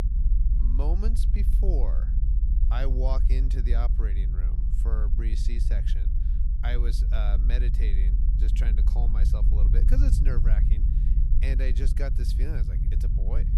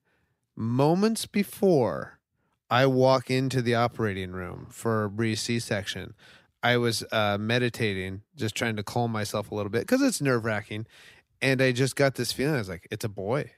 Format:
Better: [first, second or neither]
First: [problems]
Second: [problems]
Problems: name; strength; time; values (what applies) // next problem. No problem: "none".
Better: second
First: low rumble; loud; throughout; 5 dB below the speech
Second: none